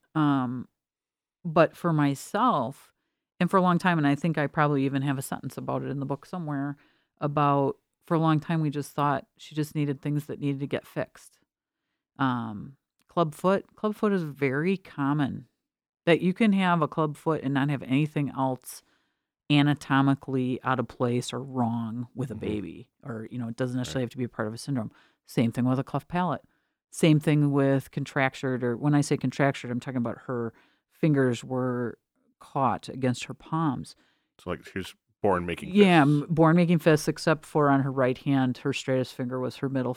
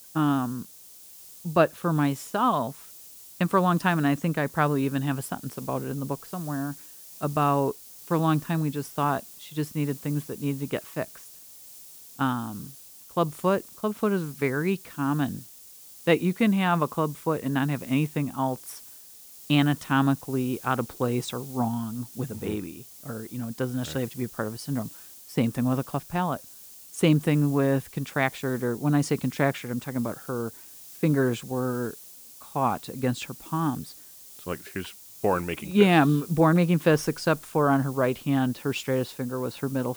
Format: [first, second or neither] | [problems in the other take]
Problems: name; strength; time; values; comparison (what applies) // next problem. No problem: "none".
first | hiss; noticeable; throughout; 15 dB below the speech